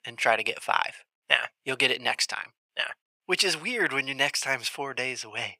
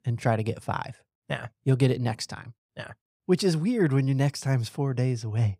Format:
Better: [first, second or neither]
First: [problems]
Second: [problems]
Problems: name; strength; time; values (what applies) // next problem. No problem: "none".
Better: second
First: thin; very; fading below 750 Hz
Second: none